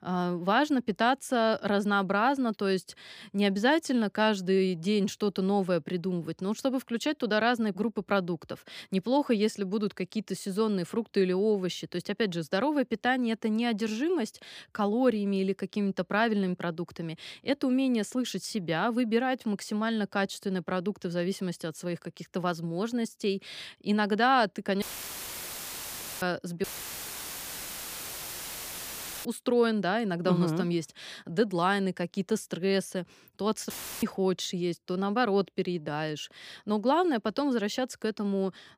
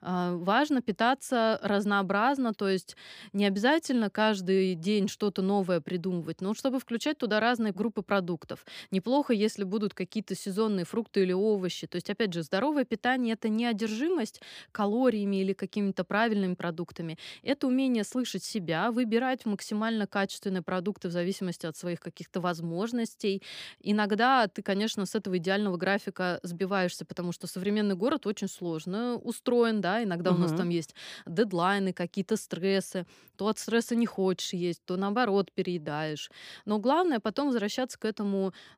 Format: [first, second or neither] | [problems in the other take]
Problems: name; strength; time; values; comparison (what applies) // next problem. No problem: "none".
second | audio cutting out; filled with static; at 25 s for 1.5 s, at 27 s for 2.5 s and at 34 s